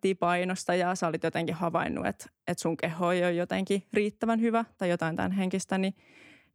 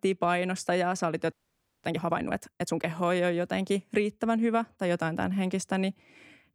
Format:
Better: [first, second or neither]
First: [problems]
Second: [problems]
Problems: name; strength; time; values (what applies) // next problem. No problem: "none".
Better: first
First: none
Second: audio freezing; at 1.5 s for 0.5 s